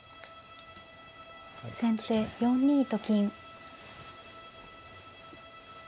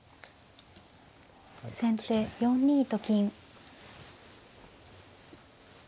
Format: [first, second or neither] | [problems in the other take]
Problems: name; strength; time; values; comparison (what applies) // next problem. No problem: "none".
second | background sound (Bowed string instrument); 18 dB below the speech